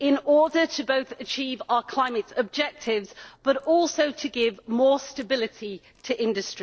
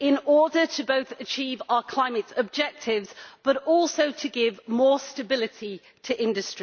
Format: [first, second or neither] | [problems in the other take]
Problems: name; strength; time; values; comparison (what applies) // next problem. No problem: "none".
second | noise reduction (neural separator model SepFormer DNS4)